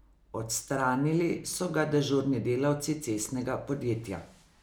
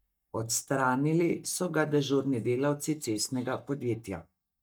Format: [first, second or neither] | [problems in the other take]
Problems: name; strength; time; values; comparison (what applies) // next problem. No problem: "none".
first | noise reduction (neural mask model DeepFilterNet 3)